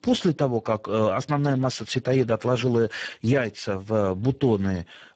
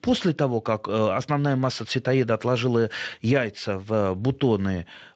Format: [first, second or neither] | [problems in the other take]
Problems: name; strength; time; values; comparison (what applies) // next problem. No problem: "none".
second | garbled, watery; badly; nothing above 7.5 kHz; slightly in the second